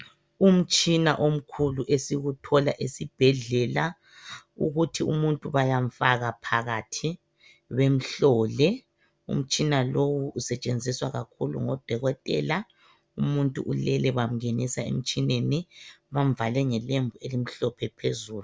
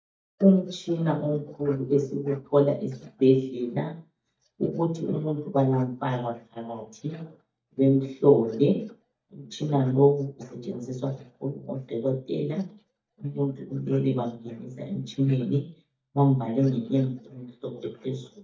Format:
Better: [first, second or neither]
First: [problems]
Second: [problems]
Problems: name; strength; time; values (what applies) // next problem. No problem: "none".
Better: first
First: none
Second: noise reduction (neural mask model DeepFilterNet 3)